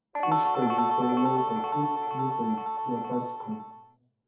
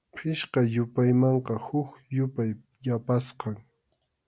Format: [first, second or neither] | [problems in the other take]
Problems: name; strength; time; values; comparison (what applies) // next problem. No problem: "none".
second | background sound (Guitar); 3 dB above the speech // room echo; dies away in 0.5 s